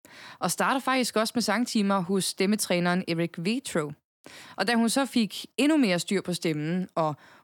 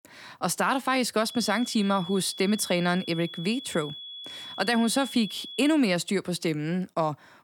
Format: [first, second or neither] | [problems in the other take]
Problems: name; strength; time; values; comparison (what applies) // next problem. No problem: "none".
first | high-pitched whine; noticeable; from 1.5 to 5.5 s; 3.5 kHz, 10 dB below the speech